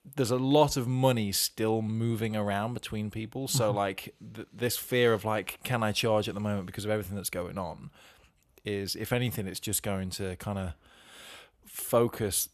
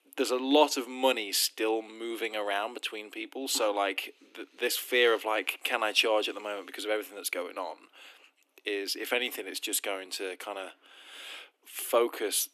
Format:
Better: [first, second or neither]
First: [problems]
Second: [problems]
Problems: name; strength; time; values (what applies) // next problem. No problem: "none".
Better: first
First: none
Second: thin; somewhat; fading below 250 Hz